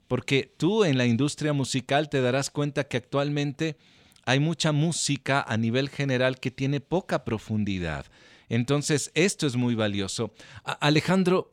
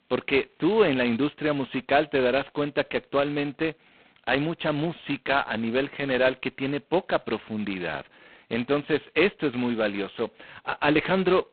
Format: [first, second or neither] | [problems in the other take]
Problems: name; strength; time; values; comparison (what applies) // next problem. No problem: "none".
first | phone-call audio; poor line; nothing above 4 kHz